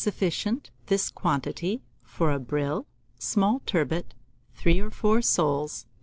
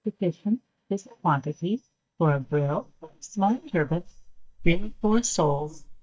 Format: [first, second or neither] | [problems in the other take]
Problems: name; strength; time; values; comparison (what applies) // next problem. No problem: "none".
first | noise reduction (neural mask model DeepFilterNet 3)